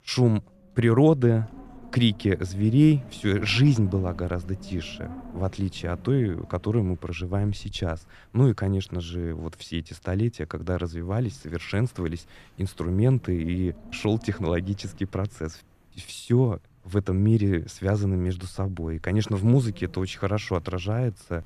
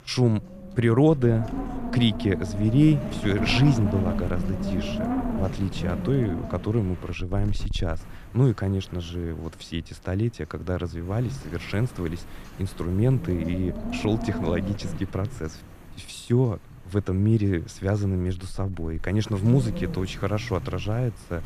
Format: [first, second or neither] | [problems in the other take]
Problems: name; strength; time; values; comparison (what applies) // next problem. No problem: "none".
first | wind noise on the microphone; heavy; 7 dB below the speech; occasional gusts in the first